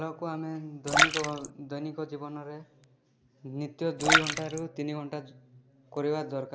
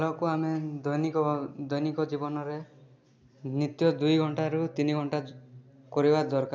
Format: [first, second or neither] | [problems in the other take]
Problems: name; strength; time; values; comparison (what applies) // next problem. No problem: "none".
second | background sound (Splash, splatter); 4 dB above the speech